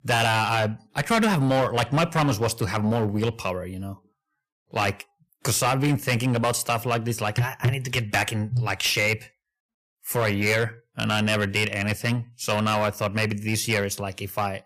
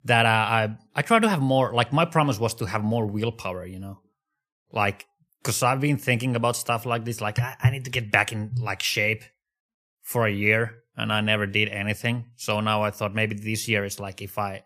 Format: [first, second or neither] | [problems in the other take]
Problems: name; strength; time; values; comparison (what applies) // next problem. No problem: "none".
second | distortion; heavy; 9% of the sound clipped